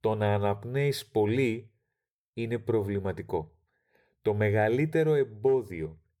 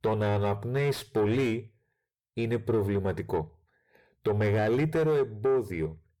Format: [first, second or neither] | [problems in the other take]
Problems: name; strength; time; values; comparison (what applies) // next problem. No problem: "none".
first | distortion; slight; 10 dB below the speech